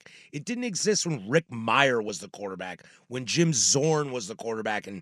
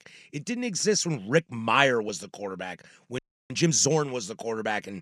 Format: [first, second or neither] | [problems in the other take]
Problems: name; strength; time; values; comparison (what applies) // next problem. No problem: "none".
first | audio freezing; at 3 s